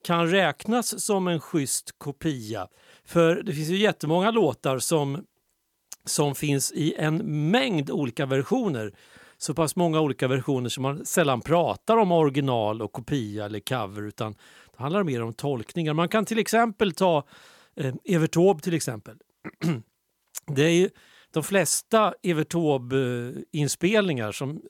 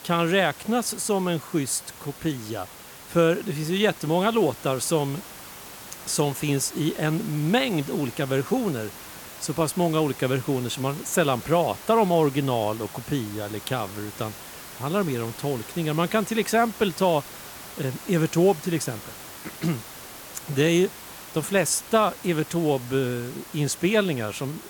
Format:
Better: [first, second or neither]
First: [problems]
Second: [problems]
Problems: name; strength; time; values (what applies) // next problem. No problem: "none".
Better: first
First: none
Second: hiss; noticeable; throughout; 15 dB below the speech